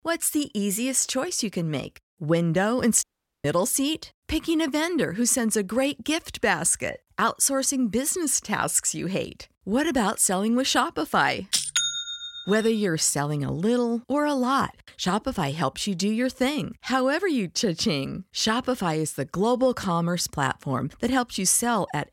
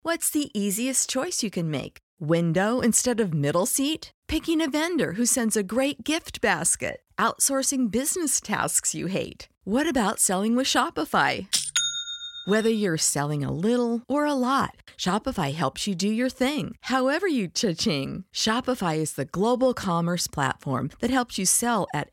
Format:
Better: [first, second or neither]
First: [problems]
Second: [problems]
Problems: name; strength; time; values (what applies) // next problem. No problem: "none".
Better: second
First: audio cutting out; at 3 s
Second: none